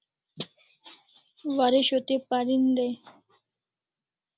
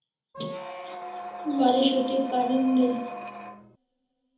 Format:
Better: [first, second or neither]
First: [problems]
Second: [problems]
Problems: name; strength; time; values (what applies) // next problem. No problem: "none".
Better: first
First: none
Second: background sound (Squeak); 10 dB below the speech // room echo; dies away in 1.1 s